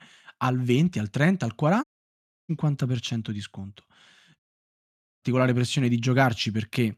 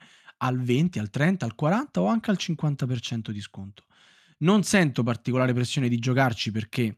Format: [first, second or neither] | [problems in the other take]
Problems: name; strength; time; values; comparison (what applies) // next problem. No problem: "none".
second | audio cutting out; at 2 s for 0.5 s and at 4.5 s for 1 s